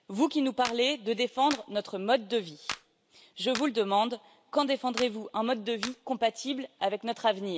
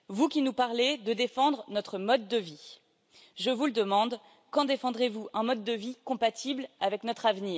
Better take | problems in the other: second | background sound (Clapping); 14 dB below the speech

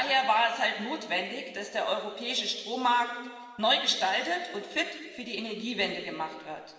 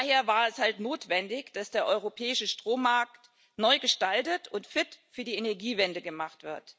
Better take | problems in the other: second | room echo; dies away in 1.6 s

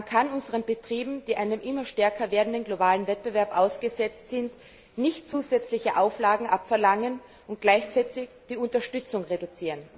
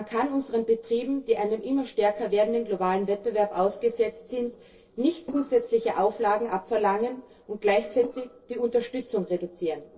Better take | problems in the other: first | noise reduction (neural separator model SepFormer DNS4)

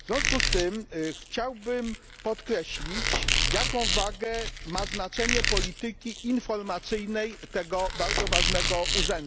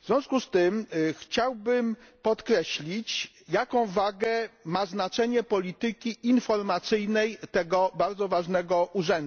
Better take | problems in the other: second | background sound (Squeak); 1 dB above the speech

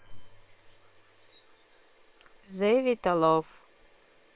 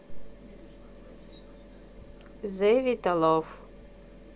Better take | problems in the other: second | noise reduction (neural separator model SepFormer WHAM!)

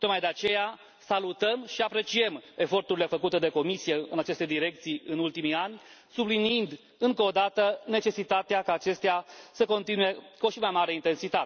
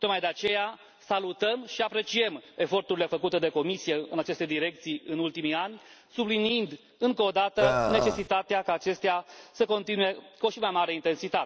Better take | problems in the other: first | background sound (Burping, eructation); 2 dB above the speech

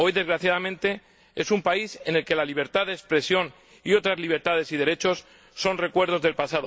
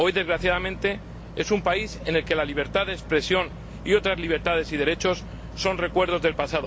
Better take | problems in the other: first | background sound (Boat, Water vehicle); 12 dB below the speech

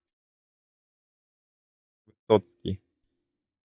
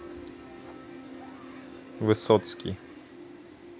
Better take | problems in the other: second | noise reduction (neural mask model DeepFilterNet 3)

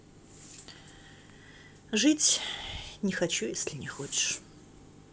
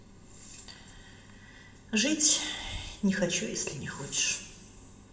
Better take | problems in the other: first | room echo; dies away in 1.7 s

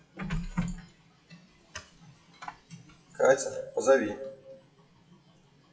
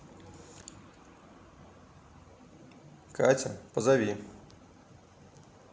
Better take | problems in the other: second | noise reduction (classical method WPE with log-MMSE)

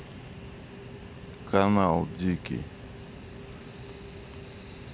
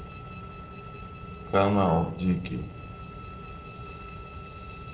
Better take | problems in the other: first | noise reduction (neural separator model SepFormer DNS4)

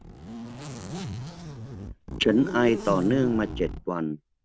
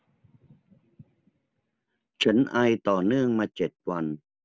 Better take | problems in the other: second | background sound (Zipper (clothing)); 8 dB below the speech

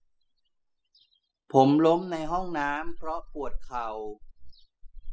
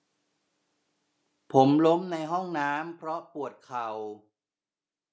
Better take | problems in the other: second | noise reduction (classical method spectral subtraction)

